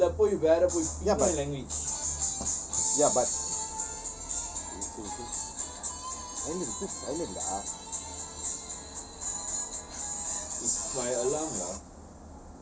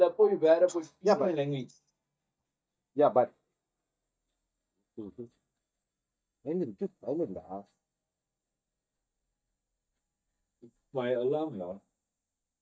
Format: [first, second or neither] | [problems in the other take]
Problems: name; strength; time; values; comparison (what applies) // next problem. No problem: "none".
first | noise reduction (neural mask model DeepFilterNet 3)